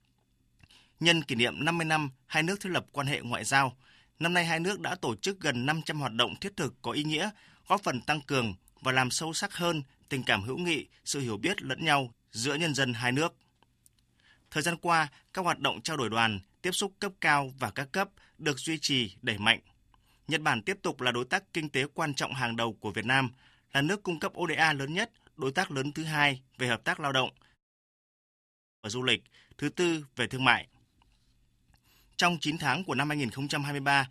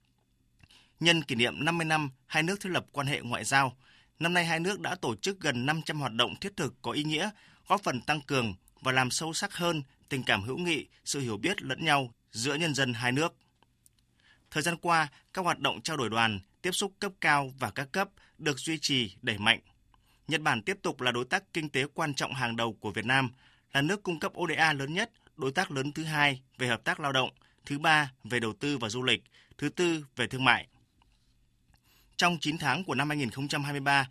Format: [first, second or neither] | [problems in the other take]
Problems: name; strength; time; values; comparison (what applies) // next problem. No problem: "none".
second | audio cutting out; at 28 s for 1.5 s